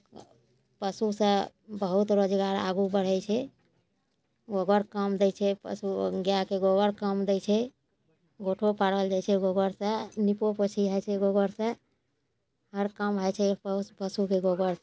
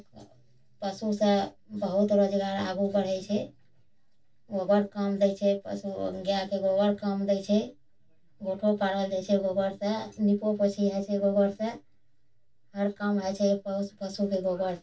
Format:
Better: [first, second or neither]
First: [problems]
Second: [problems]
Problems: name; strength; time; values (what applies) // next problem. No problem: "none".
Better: first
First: none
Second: room echo; dies away in 0.1 s